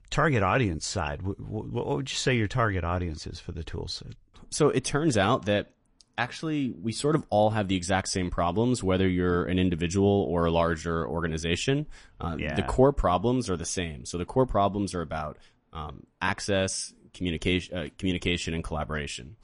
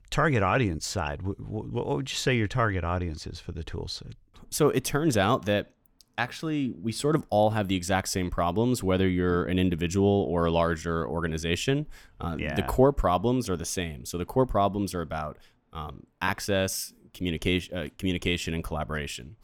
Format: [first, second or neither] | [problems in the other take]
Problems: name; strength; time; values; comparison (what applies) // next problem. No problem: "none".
second | garbled, watery; slightly; nothing above 10.5 kHz